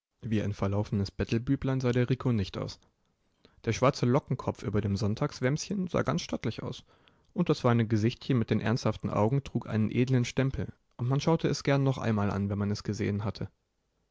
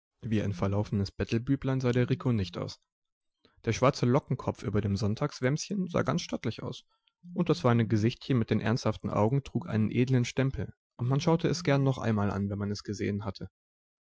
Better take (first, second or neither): first